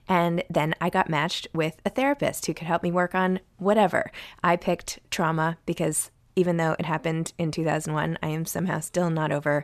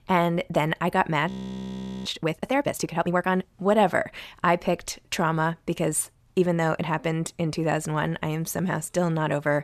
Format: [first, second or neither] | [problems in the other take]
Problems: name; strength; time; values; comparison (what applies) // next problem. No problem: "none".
first | audio freezing; at 1.5 s for 1 s